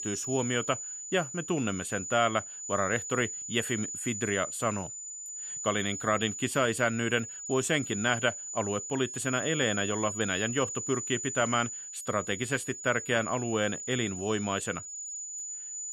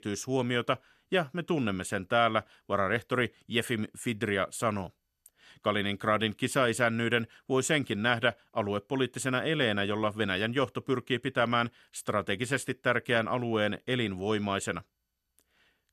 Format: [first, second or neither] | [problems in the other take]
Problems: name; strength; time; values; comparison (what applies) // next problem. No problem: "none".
second | high-pitched whine; loud; throughout; 7 kHz, 6 dB below the speech